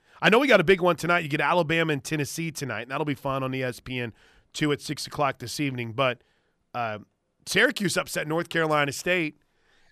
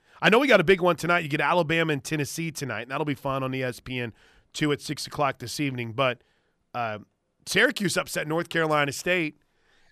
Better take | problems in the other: neither | none

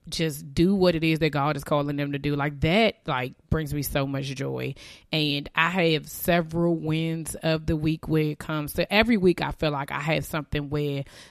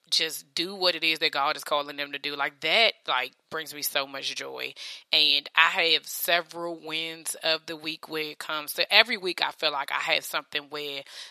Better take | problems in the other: first | thin; very; fading below 750 Hz

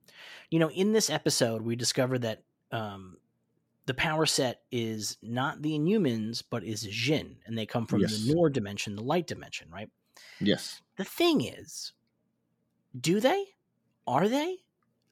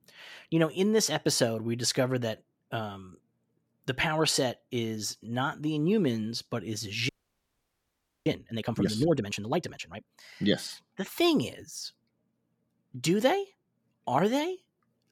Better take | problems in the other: first | audio freezing; at 7 s for 1 s

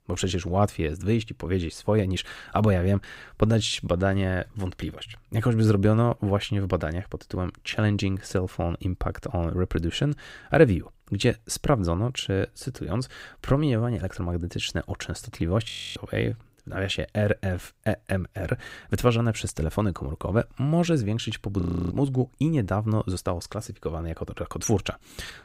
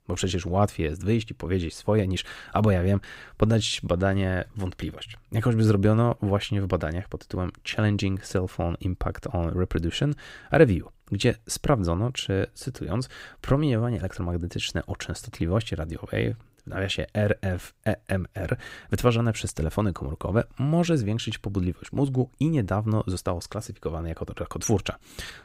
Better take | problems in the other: second | audio freezing; at 16 s and at 22 s

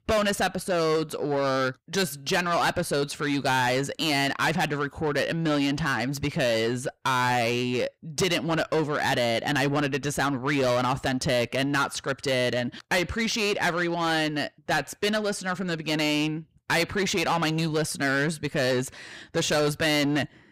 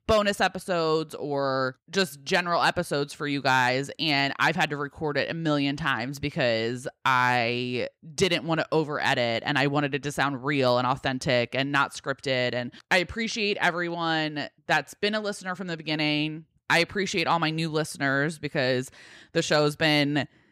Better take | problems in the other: second | distortion; heavy; 8 dB below the speech

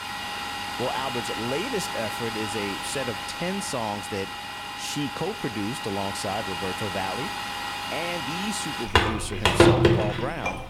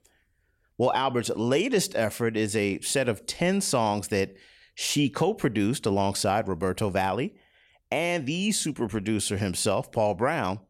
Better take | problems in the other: second | household noises; very loud; throughout; 4 dB above the speech

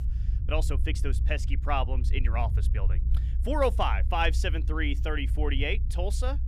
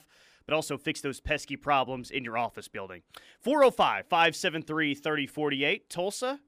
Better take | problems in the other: second | low rumble; noticeable; throughout; 15 dB below the speech

